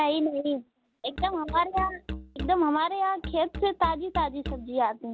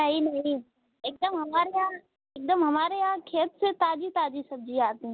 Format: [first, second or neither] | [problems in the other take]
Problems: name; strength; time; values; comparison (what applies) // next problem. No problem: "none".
second | background sound (Musical instrument); 11 dB below the speech